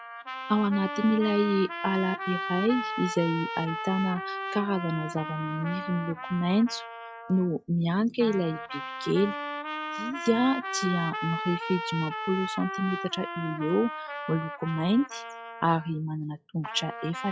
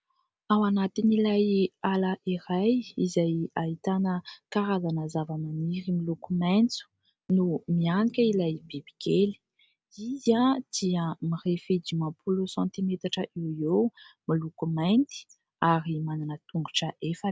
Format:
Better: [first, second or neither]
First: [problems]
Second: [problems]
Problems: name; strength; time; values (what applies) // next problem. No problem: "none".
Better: second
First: noise reduction (classical method log-MMSE)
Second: none